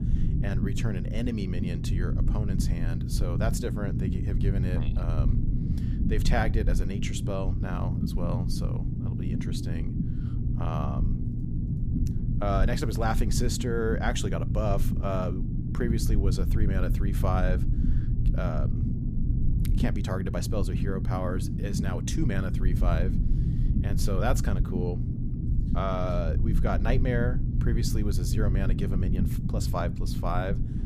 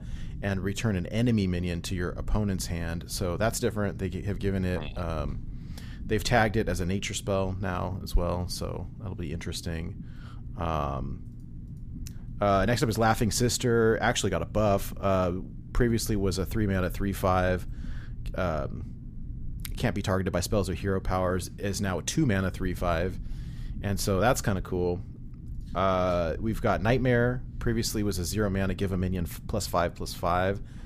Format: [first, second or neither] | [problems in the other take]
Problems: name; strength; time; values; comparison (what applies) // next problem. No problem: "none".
second | low rumble; loud; throughout; 6 dB below the speech; faint in the second